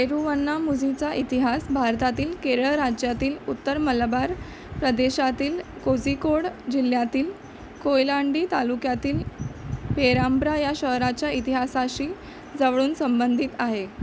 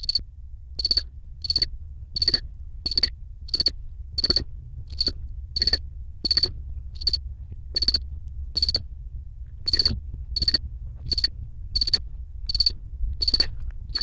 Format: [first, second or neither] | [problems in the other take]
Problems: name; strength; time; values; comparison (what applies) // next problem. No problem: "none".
first | noise reduction (neural diffusion model UNIVERSE++)